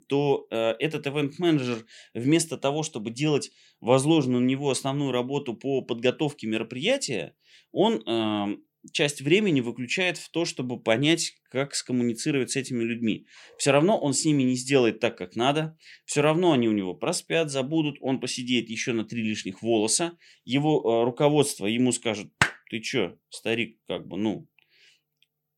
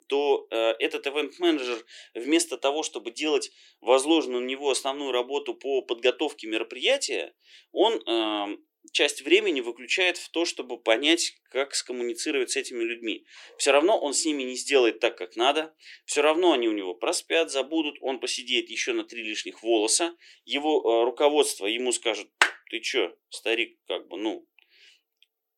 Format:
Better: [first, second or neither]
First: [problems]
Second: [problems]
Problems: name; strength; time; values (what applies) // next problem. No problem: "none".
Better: first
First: none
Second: thin; somewhat; fading below 350 Hz